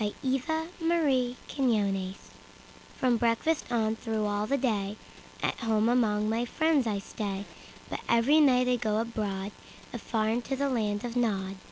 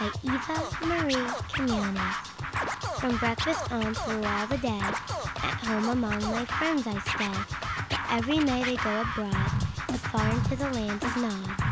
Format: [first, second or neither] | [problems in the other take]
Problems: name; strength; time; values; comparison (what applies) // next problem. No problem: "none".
first | background sound (Scratching (performance technique)); as loud as the speech